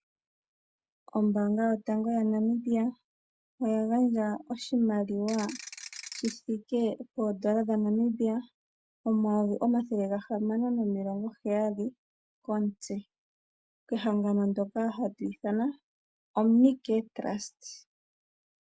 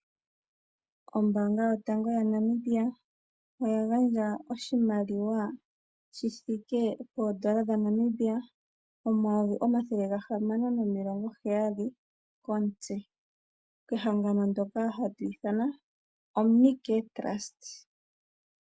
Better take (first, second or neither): second